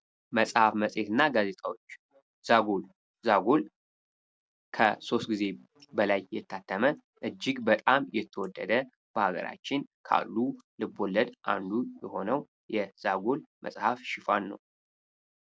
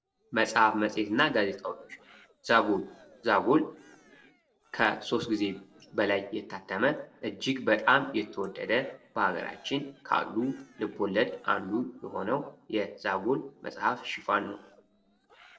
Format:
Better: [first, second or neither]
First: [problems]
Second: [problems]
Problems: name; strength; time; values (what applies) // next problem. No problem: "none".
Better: first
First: none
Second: noise reduction (neural separator model SepFormer DNS4)